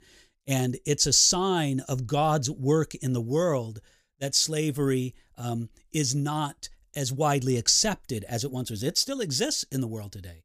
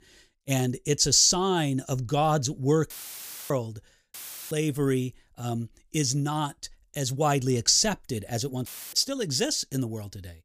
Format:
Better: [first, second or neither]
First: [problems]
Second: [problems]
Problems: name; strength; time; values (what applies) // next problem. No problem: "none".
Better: first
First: none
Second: audio cutting out; filled with static; at 3 s for 0.5 s, at 4 s and at 8.5 s